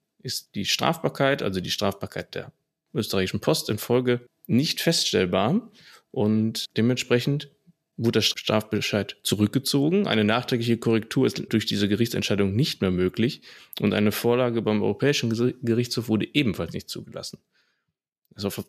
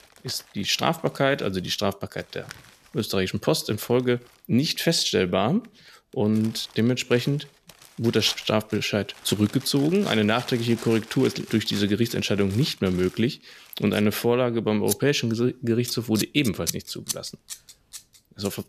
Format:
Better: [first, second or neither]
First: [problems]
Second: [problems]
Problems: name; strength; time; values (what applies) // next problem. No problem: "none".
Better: first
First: none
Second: household noises; noticeable; throughout; 15 dB below the speech